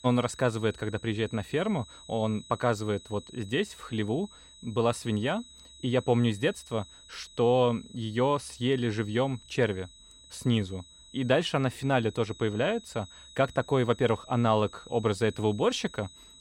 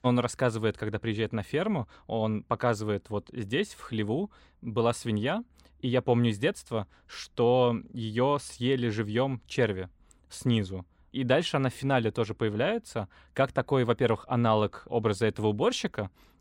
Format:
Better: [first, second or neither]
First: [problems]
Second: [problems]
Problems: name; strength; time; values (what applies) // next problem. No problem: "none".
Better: second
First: high-pitched whine; faint; throughout; 4 kHz, 20 dB below the speech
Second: none